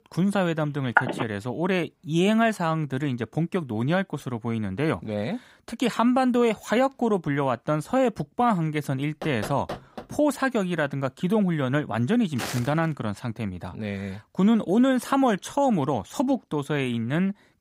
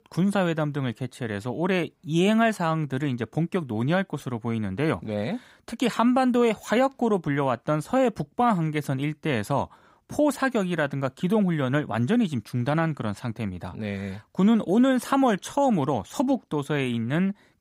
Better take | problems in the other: second | phone ringing; loud; at 1 s; peak 2 dB above the speech // door banging; faint; at 9 s; peak 10 dB below the speech // footsteps; noticeable; at 12 s; peak 7 dB below the speech

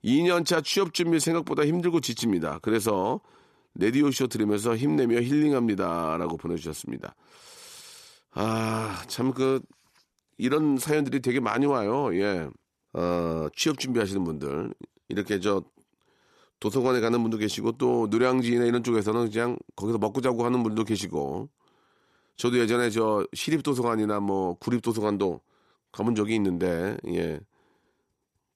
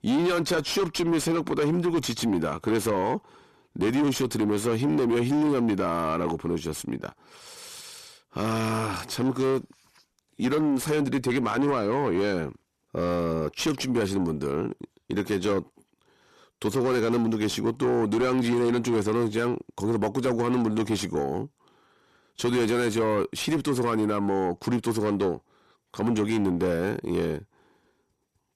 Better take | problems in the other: first | distortion; slight; 10 dB below the speech

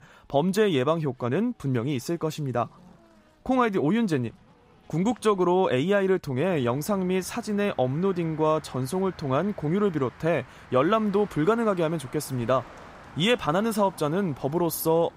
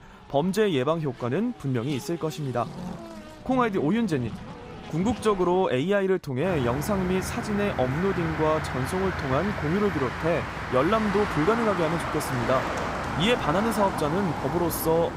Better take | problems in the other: first | traffic noise; loud; throughout; 6 dB below the speech; faint in the first

